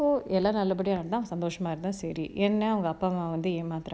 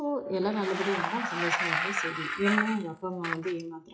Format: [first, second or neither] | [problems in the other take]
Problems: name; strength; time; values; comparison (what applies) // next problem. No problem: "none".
first | noise reduction (classical method WPE with log-MMSE)